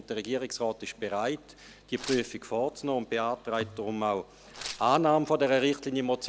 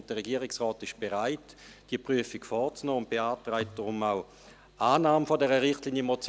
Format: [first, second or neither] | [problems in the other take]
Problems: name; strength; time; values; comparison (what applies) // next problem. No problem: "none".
second | background sound (Tearing); 15 dB below the speech